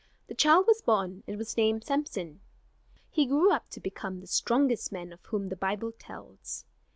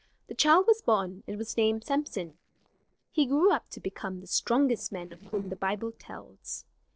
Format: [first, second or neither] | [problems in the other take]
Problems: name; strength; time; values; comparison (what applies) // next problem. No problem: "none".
first | noise reduction (neural separator model SepFormer DNS4)